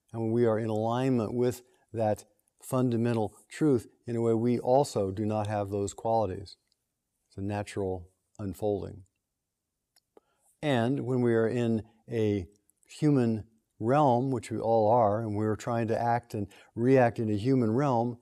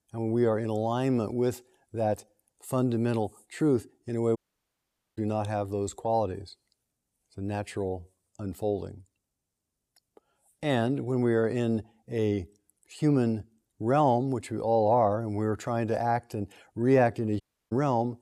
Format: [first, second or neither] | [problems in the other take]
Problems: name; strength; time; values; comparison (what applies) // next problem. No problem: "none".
first | audio cutting out; at 4.5 s for 1 s and at 17 s